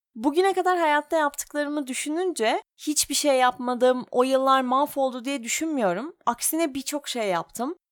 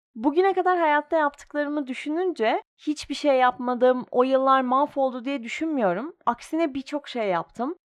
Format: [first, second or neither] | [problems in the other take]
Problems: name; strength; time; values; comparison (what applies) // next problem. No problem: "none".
first | muffled; slightly; fading above 2.5 kHz